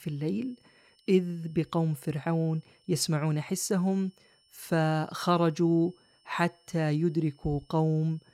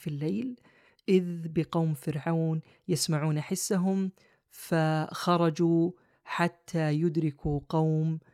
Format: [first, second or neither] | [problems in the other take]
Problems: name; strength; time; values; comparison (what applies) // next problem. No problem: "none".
second | high-pitched whine; faint; throughout; 5.5 kHz, 35 dB below the speech